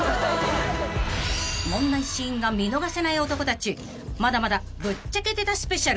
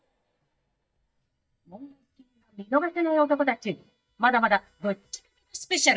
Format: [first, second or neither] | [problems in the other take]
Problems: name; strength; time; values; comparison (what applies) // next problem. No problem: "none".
first | noise reduction (neural mask model DeepFilterNet 3)